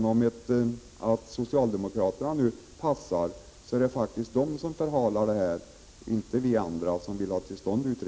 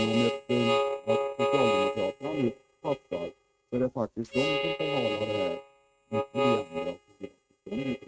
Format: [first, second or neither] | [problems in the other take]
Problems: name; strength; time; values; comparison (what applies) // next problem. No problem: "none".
first | noise reduction (neural mask model RNNoise)